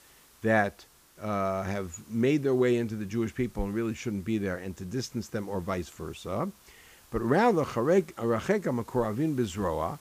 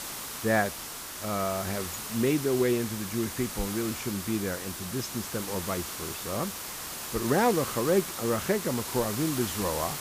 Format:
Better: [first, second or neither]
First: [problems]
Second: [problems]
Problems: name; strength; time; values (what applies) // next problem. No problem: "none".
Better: first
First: hiss; faint; throughout; 25 dB below the speech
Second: hiss; loud; throughout; 5 dB below the speech